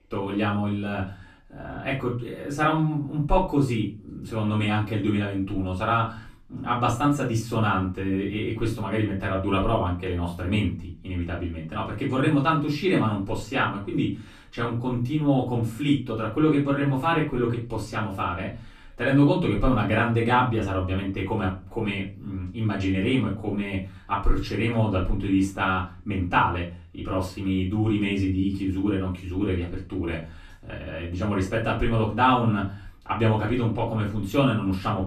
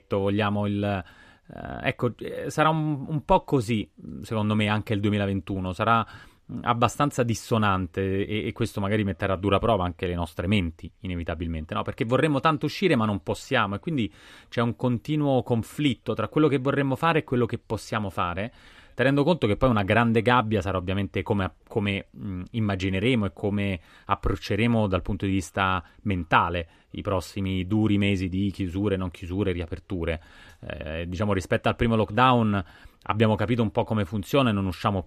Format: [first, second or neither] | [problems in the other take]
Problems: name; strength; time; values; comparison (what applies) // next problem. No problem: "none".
second | room echo; slight; dies away in 0.3 s // off-mic speech; far